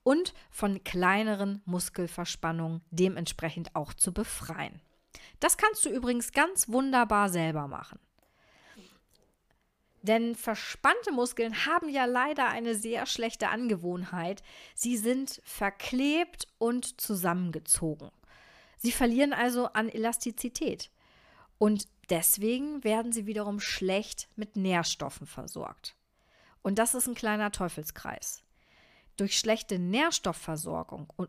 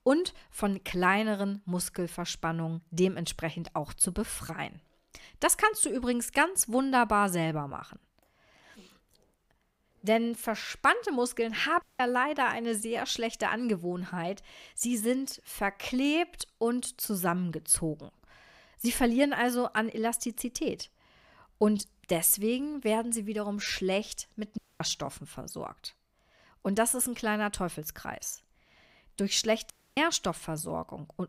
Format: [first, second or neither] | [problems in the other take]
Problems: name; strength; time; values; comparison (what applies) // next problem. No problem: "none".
first | audio cutting out; at 12 s, at 25 s and at 30 s